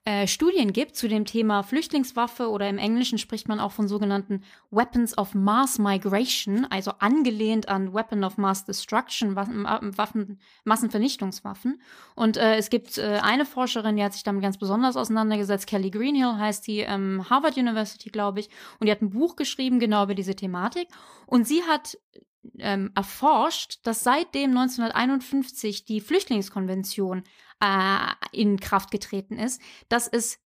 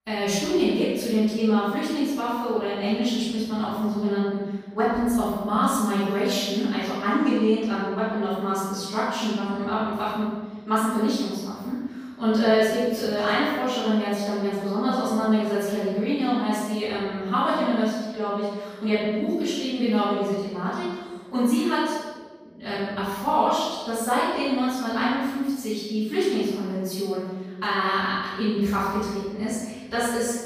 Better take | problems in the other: first | room echo; strong; dies away in 1.4 s // off-mic speech; far

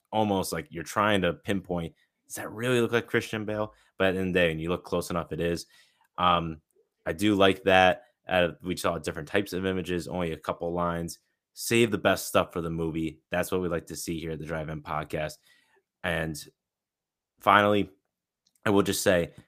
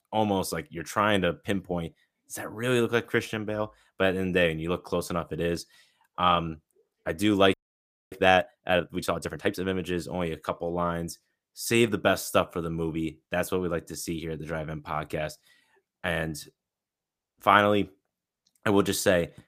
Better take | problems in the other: first | audio freezing; at 7.5 s for 0.5 s

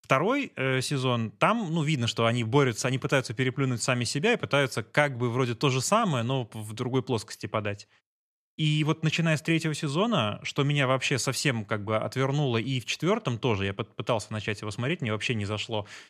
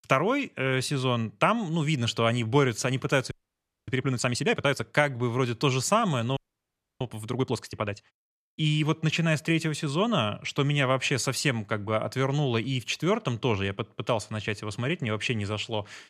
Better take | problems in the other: first | audio freezing; at 3.5 s for 0.5 s and at 6.5 s for 0.5 s

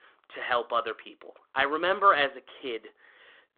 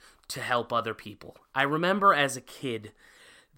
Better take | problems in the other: second | phone-call audio

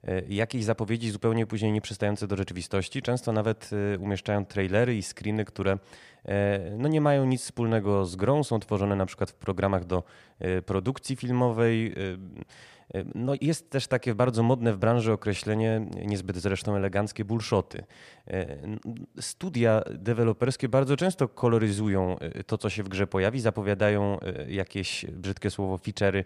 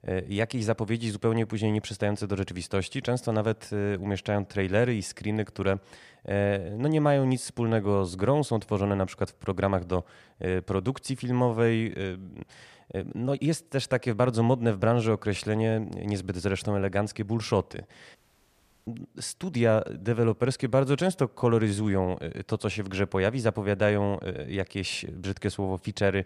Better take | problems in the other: first | audio cutting out; at 18 s for 0.5 s

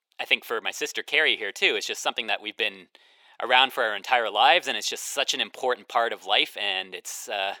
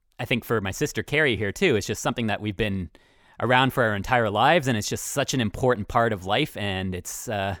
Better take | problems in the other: second | thin; very; fading below 400 Hz

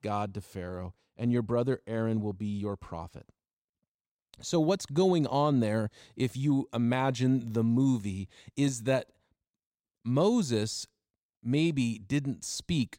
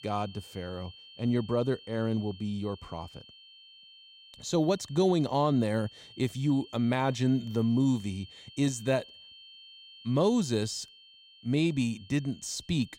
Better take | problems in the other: first | high-pitched whine; faint; throughout; 3 kHz, 20 dB below the speech

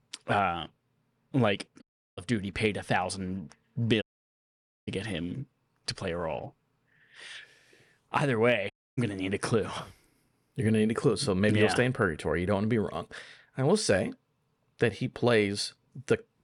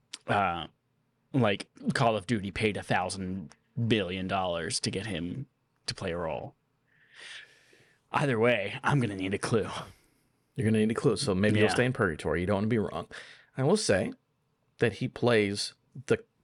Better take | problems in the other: second | audio cutting out; at 2 s, at 4 s for 1 s and at 8.5 s

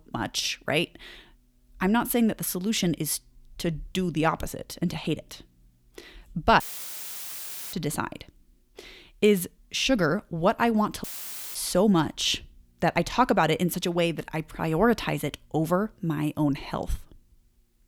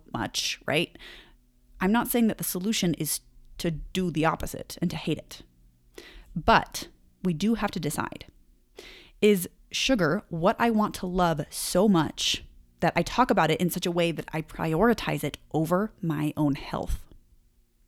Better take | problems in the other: second | audio cutting out; filled with static; at 6.5 s for 1 s and at 11 s for 0.5 s

